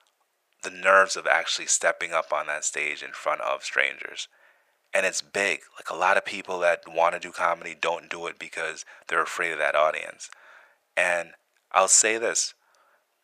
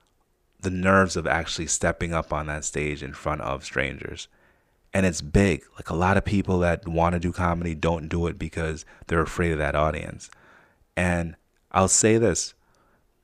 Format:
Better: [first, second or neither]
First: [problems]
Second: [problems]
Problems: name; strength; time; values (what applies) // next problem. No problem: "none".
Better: second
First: thin; very; fading below 800 Hz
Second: none